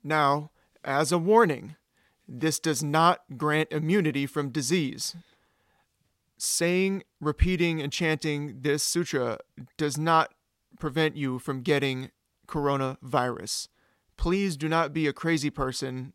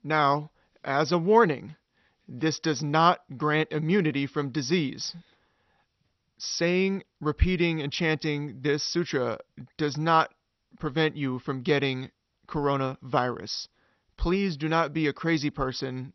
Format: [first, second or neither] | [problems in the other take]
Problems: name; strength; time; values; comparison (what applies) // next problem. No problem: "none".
first | garbled, watery; slightly; nothing above 6 kHz